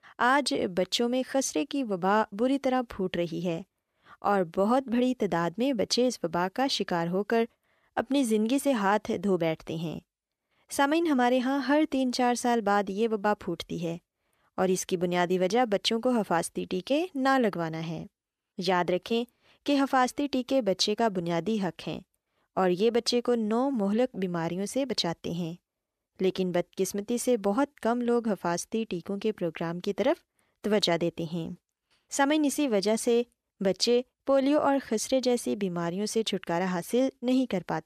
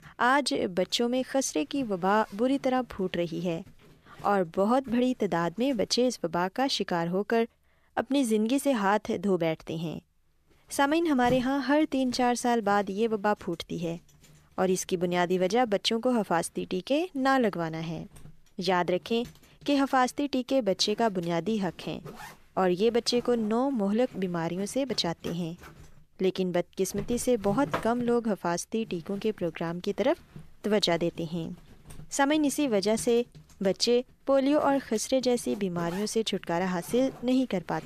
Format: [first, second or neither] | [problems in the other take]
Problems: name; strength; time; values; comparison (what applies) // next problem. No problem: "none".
first | household noises; faint; throughout; 20 dB below the speech